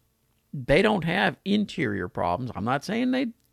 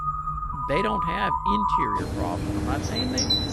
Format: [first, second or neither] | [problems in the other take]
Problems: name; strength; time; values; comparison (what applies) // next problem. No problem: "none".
first | animal sounds; very loud; throughout; 5 dB above the speech